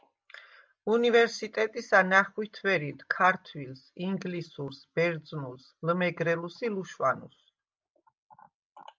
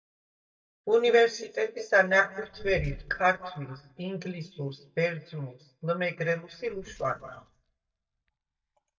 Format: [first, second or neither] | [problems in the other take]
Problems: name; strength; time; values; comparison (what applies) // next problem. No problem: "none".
first | noise reduction (neural mask model DeepFilterNet 3)